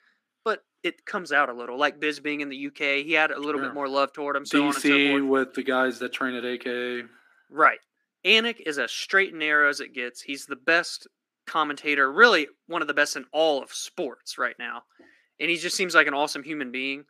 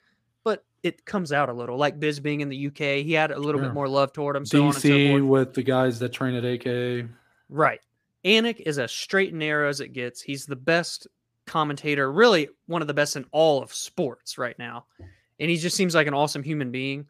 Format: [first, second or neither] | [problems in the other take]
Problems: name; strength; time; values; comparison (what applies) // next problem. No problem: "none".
second | thin; very slightly; fading below 250 Hz